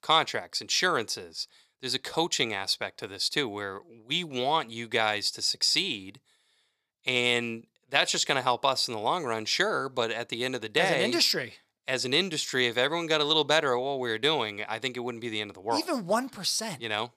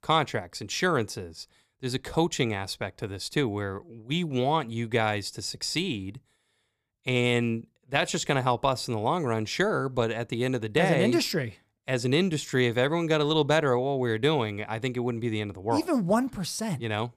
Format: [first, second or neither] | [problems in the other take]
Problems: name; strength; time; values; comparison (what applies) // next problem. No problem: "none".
second | thin; somewhat; fading below 650 Hz